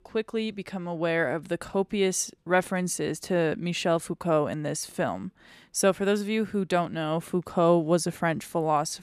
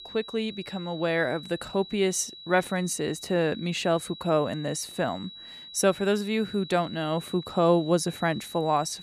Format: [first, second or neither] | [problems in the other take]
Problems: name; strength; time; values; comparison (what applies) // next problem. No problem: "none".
first | high-pitched whine; noticeable; throughout; 4 kHz, 15 dB below the speech